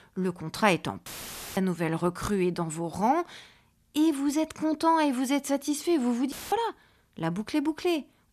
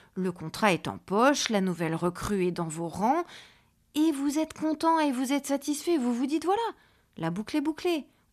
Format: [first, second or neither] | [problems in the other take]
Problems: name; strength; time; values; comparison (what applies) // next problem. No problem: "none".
second | audio cutting out; filled with static; at 1 s for 0.5 s and at 6.5 s